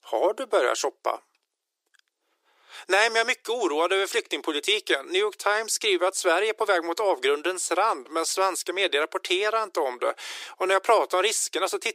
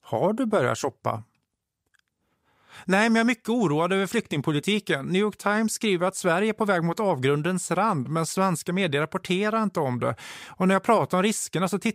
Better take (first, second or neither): second